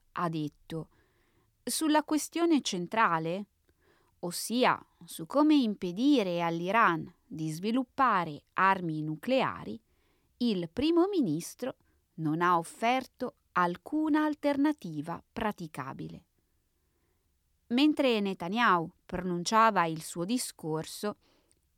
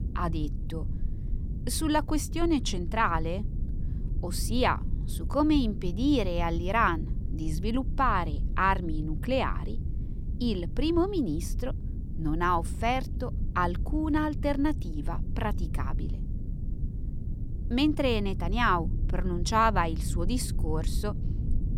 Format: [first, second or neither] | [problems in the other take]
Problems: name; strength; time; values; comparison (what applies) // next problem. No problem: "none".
first | low rumble; noticeable; throughout; 20 dB below the speech